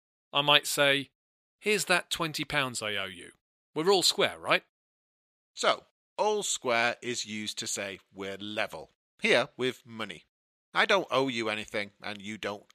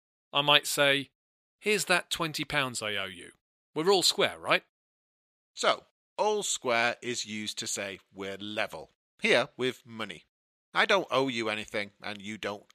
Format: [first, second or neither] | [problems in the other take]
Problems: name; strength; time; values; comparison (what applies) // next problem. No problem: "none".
neither | thin; somewhat; fading below 550 Hz; the same in both